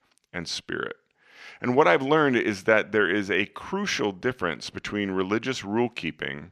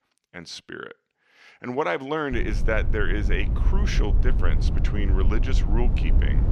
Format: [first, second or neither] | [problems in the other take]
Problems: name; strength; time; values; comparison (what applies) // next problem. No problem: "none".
first | low rumble; very faint; from 2.5 s on; 10 dB below the speech